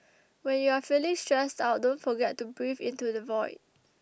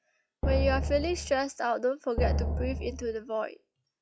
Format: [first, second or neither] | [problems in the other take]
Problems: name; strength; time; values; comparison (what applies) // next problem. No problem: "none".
first | noise reduction (classical method log-MMSE)